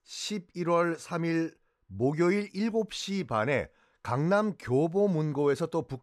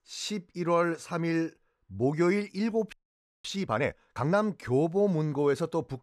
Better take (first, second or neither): first